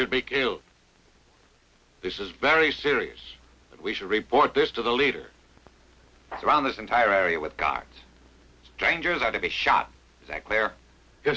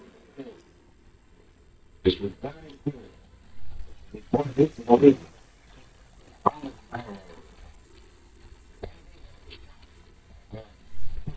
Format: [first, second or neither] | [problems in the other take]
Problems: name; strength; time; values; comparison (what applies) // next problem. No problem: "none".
first | noise reduction (neural mask model DeepFilterNet 3)